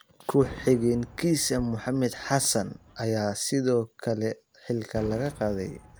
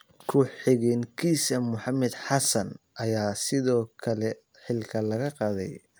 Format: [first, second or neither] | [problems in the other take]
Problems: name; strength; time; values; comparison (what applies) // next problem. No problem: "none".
second | background sound (Fireworks); 19 dB below the speech